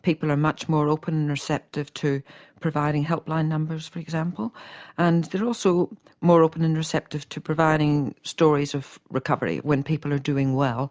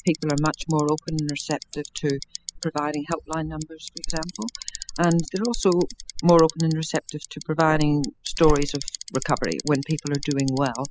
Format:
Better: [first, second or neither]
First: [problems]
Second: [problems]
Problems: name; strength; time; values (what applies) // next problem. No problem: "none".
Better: first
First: none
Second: noise reduction (classical method spectral subtraction)